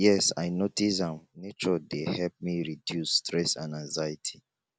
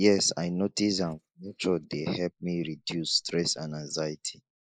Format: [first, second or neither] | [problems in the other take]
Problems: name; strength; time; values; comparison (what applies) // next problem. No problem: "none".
first | noise reduction (neural mask model Resemble Enhance denoiser)